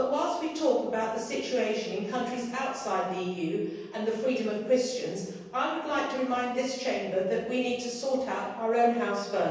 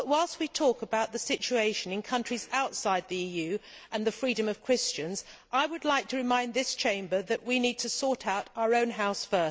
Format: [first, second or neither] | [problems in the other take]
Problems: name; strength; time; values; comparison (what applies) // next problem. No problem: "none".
second | room echo; dies away in 1.1 s